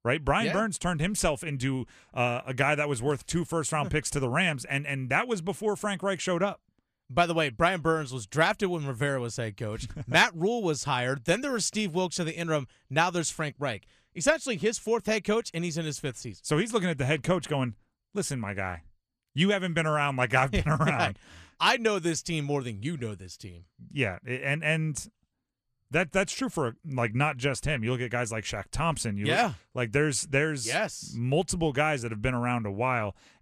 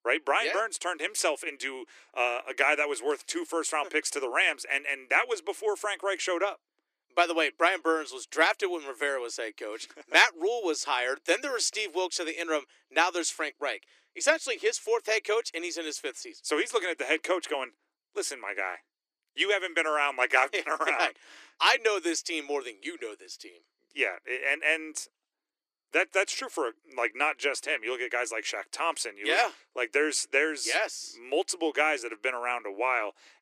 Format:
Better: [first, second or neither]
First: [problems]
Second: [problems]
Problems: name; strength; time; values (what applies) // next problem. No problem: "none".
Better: first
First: none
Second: thin; very; fading below 300 Hz